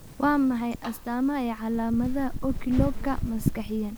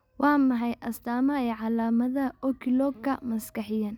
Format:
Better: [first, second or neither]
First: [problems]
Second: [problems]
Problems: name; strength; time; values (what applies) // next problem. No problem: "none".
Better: second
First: background sound (Fire); 4 dB below the speech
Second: none